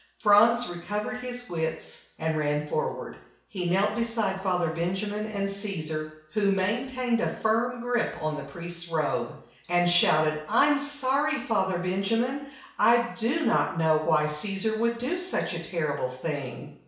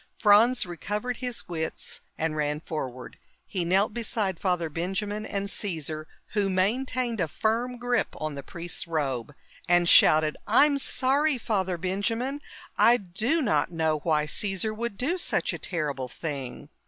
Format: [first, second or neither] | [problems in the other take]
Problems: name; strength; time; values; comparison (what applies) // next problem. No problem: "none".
second | room echo; dies away in 0.6 s